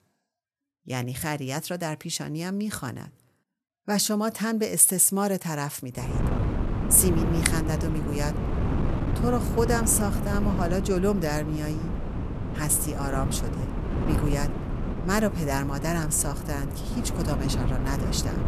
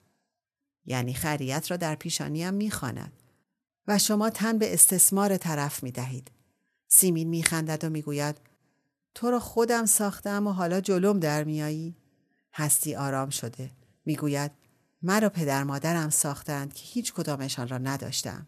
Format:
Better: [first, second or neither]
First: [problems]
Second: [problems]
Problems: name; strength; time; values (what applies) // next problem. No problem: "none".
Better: second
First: wind noise on the microphone; heavy; from 6 s on; 7 dB below the speech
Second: none